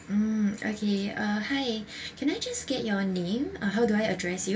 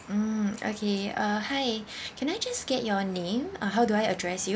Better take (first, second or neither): second